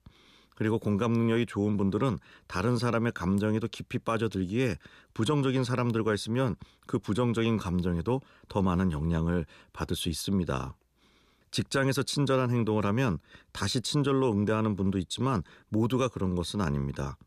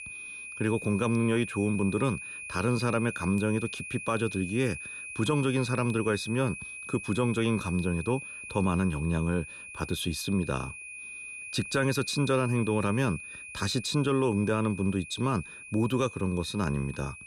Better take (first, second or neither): first